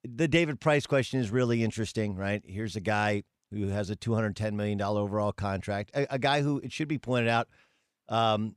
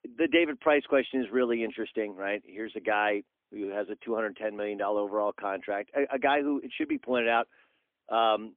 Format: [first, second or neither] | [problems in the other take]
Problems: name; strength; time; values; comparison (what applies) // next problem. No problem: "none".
first | phone-call audio; poor line; nothing above 3.5 kHz